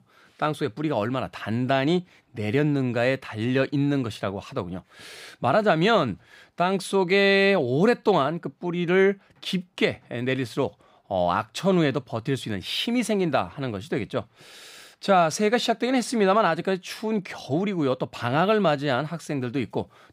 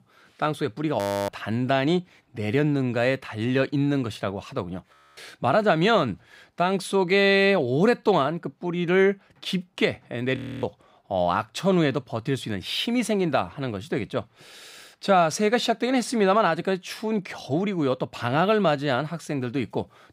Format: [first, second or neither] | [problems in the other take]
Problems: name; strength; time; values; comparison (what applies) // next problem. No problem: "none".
first | audio freezing; at 1 s, at 5 s and at 10 s